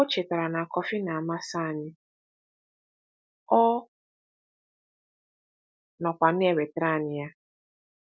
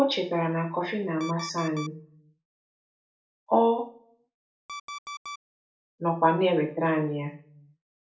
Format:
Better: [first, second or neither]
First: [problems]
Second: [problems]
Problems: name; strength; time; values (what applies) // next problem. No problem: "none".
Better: first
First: none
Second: background sound (Alarm); 14 dB below the speech // room echo; dies away in 0.4 s